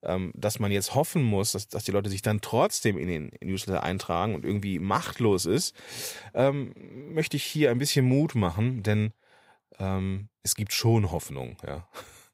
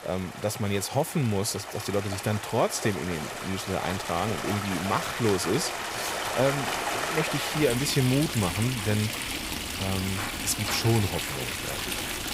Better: first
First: none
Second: rain or running water; loud; throughout; 3 dB below the speech

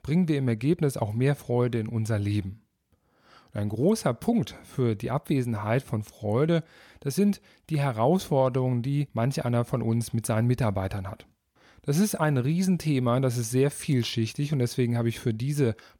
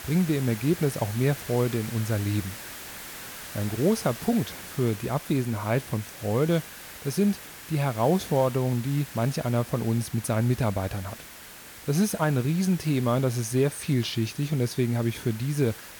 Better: first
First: none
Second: hiss; noticeable; throughout; 15 dB below the speech

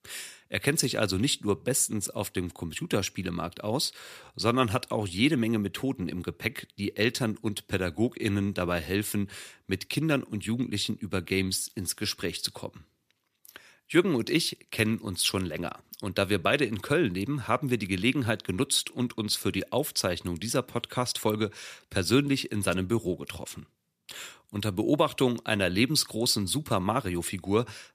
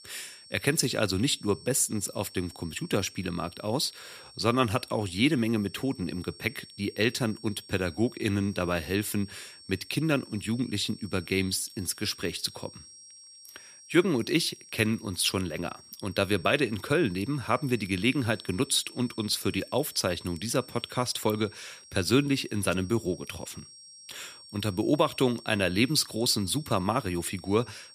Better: first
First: none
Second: high-pitched whine; noticeable; throughout; 5.5 kHz, 20 dB below the speech

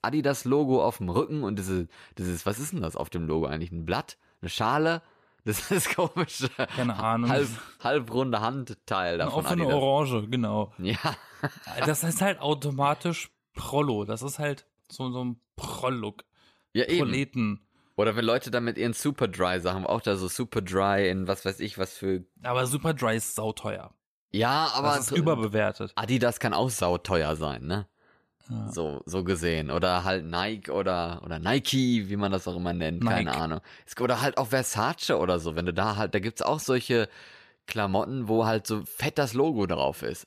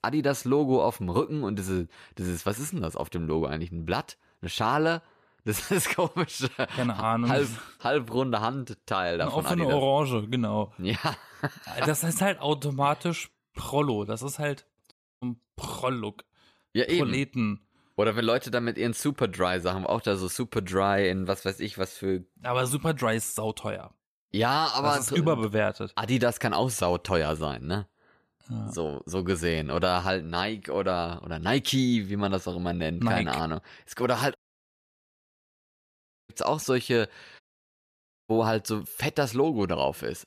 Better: first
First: none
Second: audio cutting out; at 15 s, at 34 s for 2 s and at 37 s for 1 s

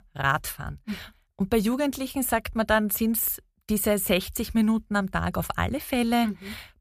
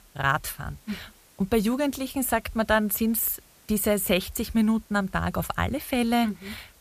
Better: first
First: none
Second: hiss; faint; throughout; 30 dB below the speech

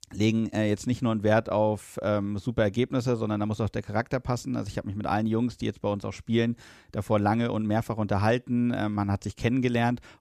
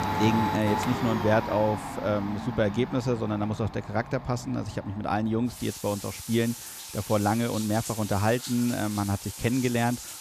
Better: first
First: none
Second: household noises; loud; throughout; 7 dB below the speech

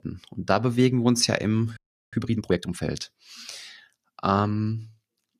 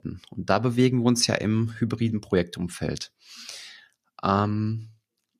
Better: second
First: audio freezing; at 2 s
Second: none

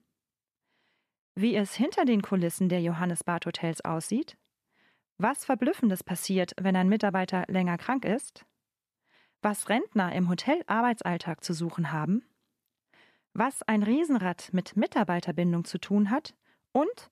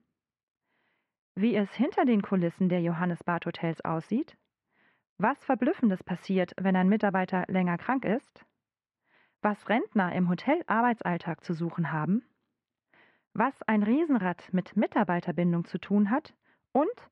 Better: first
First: none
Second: muffled; very; fading above 2 kHz

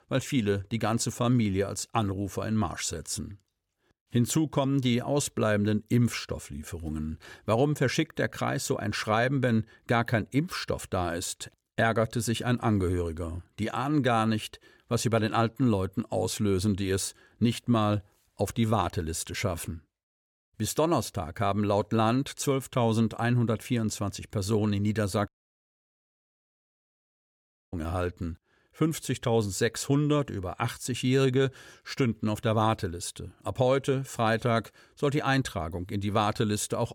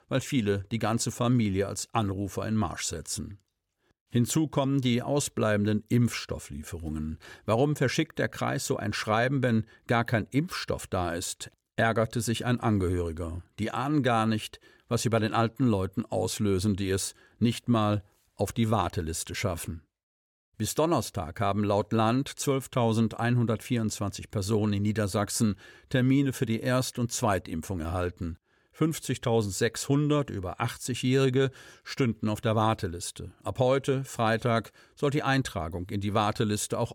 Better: second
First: audio cutting out; at 25 s for 2.5 s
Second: none

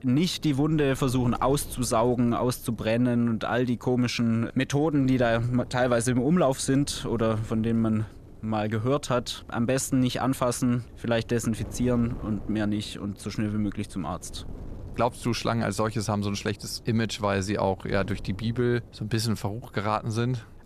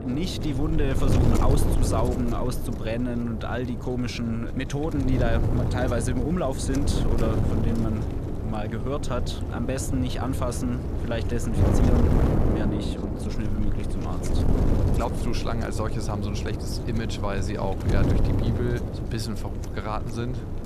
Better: first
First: wind noise on the microphone; occasional gusts; 25 dB below the speech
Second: wind noise on the microphone; heavy; 2 dB below the speech

